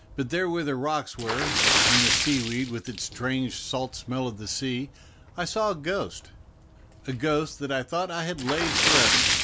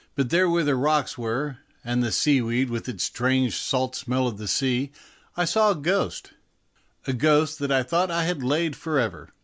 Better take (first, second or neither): second